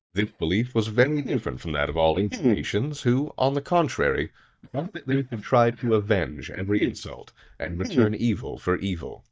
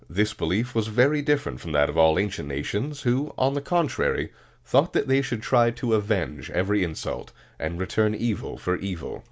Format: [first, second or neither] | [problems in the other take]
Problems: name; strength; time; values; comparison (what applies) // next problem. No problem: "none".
second | noise reduction (neural mask model DeepFilterNet 3)